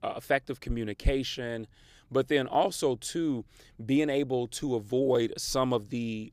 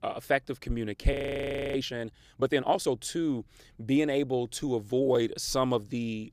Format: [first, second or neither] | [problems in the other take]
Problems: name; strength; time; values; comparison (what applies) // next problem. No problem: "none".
first | audio freezing; at 1 s for 0.5 s